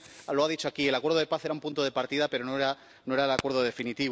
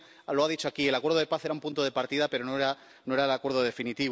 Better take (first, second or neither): second